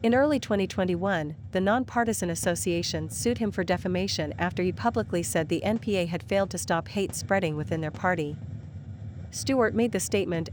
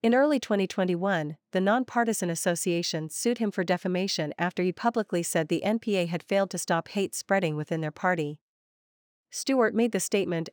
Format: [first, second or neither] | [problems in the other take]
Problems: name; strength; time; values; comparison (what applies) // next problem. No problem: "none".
second | hiss; noticeable; throughout; 15 dB below the speech